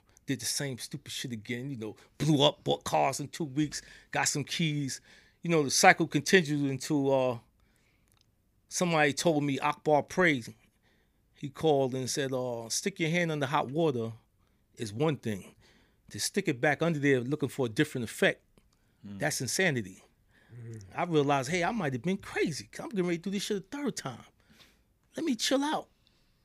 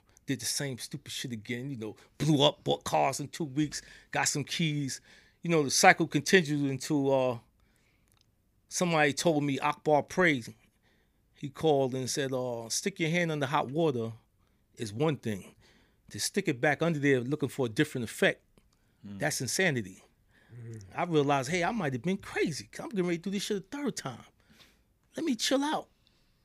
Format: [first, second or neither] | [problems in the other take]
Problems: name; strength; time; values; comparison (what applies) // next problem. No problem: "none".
neither | none